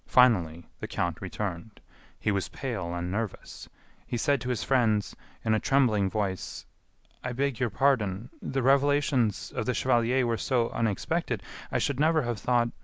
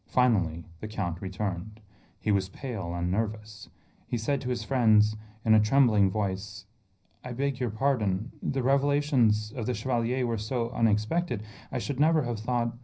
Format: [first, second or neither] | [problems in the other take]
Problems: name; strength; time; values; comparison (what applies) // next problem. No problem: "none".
first | room echo; dies away in 0.4 s